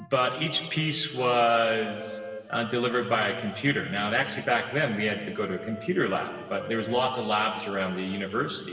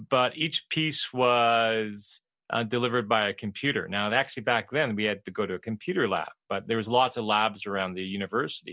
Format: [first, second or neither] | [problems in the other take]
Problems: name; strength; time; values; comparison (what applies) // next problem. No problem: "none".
second | background sound (Wind instrument, woodwind instrument); 17 dB below the speech // room echo; dies away in 1.9 s